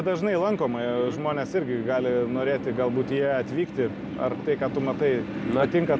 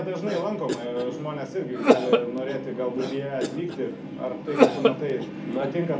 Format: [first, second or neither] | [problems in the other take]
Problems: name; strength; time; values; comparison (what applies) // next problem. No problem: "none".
first | background sound (Cough); 2 dB above the speech // room echo; dies away in 0.4 s